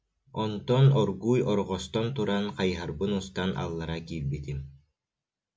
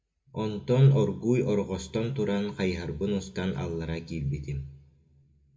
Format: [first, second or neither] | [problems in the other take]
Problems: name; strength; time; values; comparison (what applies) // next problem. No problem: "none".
first | room echo; dies away in 1.1 s